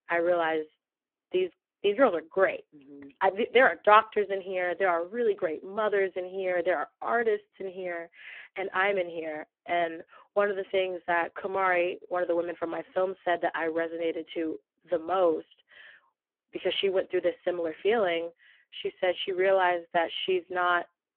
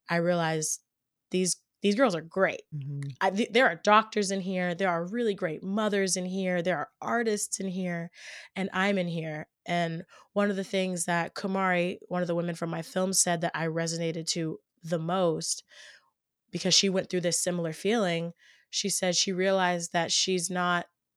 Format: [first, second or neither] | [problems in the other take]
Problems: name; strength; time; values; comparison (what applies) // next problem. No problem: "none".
second | phone-call audio; poor line